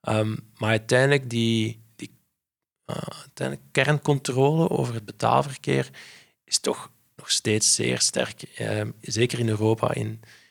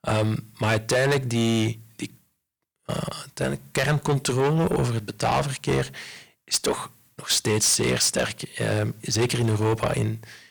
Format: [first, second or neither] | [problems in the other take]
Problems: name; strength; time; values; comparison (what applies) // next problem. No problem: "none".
first | distortion; heavy; 6 dB below the speech